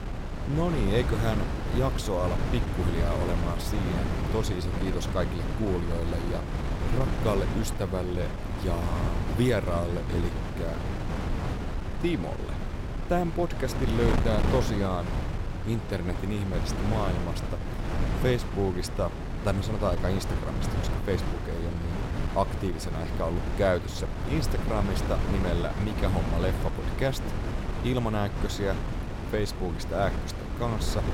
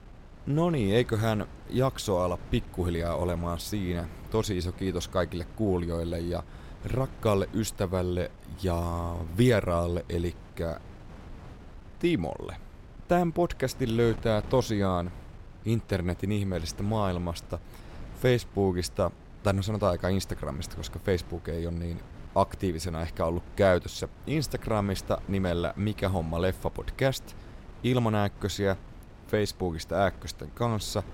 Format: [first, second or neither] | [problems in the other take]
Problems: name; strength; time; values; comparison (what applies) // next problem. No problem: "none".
second | wind noise on the microphone; heavy; 4 dB below the speech; occasional gusts in the second